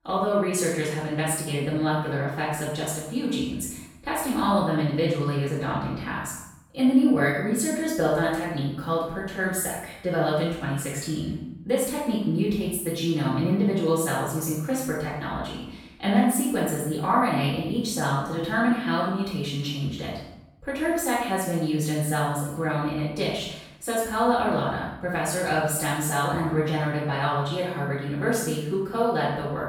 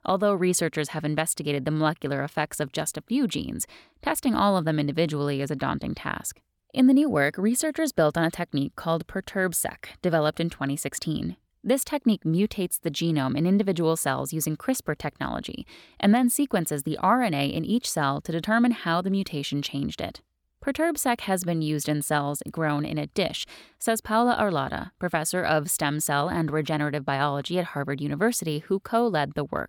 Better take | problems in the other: second | off-mic speech; far // room echo; strong; dies away in 0.7 s

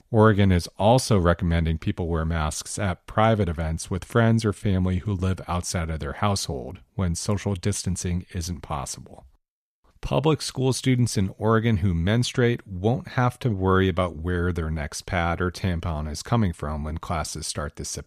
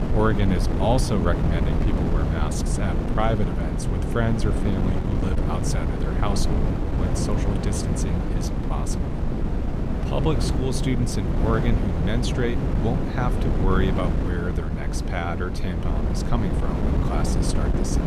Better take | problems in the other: first | wind noise on the microphone; heavy; 2 dB below the speech

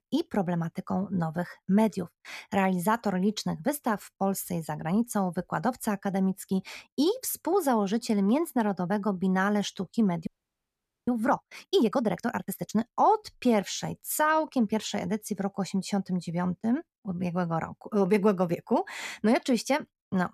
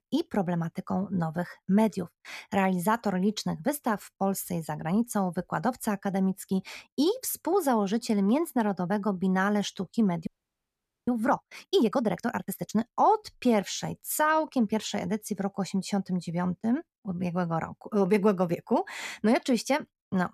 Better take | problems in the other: neither | audio freezing; at 10 s for 1 s; the same in both

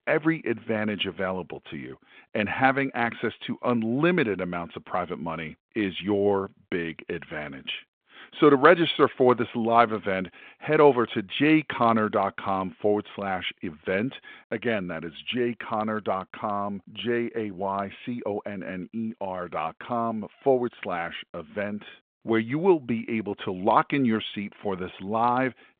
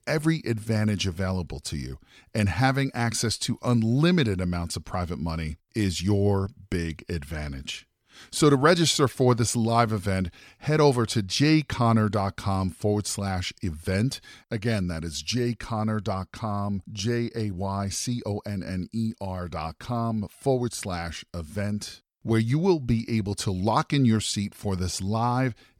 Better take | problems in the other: second | phone-call audio

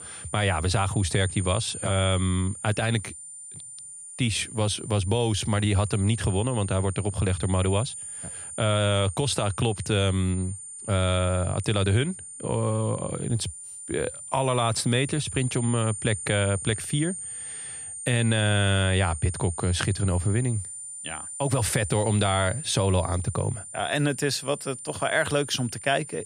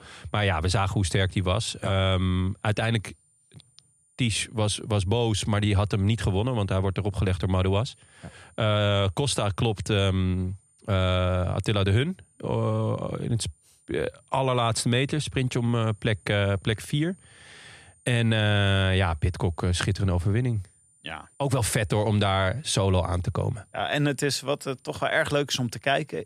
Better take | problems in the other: second | high-pitched whine; loud; throughout; 9 kHz, 10 dB below the speech; faint in the second

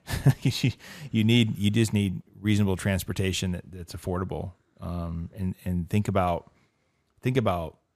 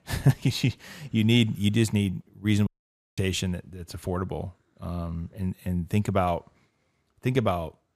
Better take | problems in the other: first | audio cutting out; at 2.5 s for 0.5 s

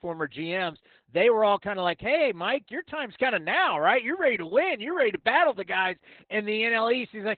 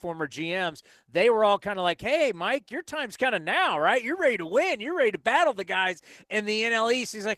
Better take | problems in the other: second | garbled, watery; badly; nothing above 4 kHz; slightly in the second

